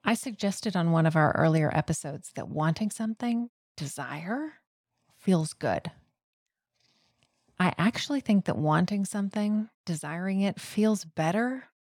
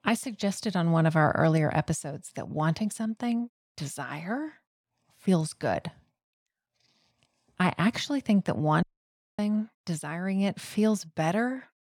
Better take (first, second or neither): first